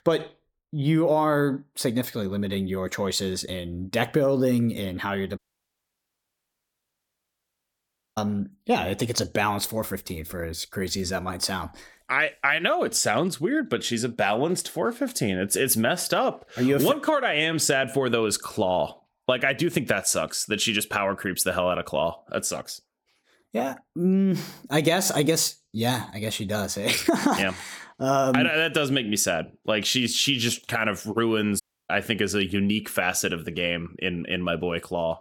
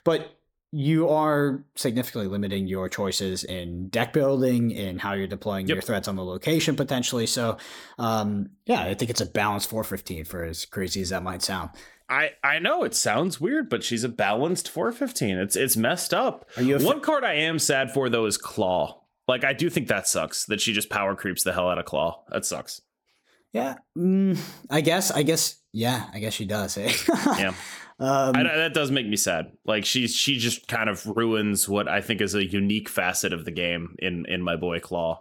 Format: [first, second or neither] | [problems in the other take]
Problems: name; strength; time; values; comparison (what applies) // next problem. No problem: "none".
second | audio cutting out; at 5.5 s for 3 s and at 32 s